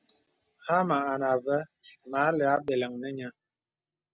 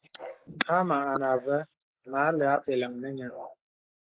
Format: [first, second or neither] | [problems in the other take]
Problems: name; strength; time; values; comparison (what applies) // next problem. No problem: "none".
first | noise reduction (neural mask model Resemble Enhance denoiser)